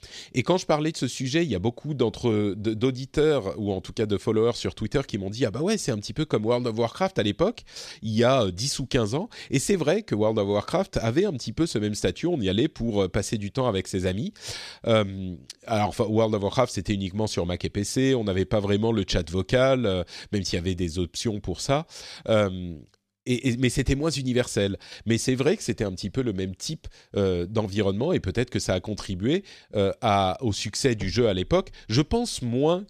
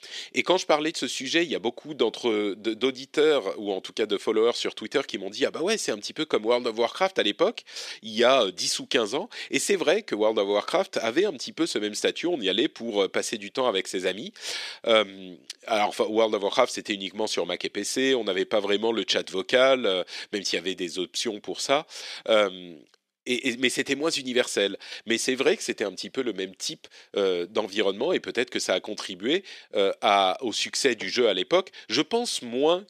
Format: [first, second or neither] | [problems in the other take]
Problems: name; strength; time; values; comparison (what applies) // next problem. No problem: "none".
first | thin; somewhat; fading below 300 Hz